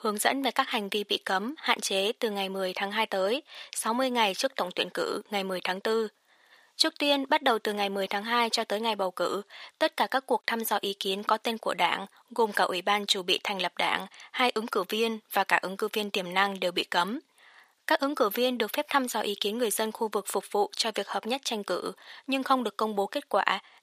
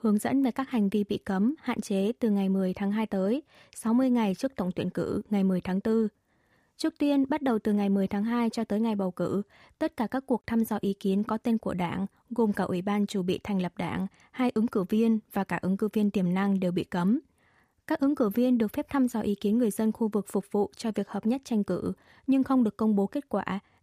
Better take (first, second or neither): second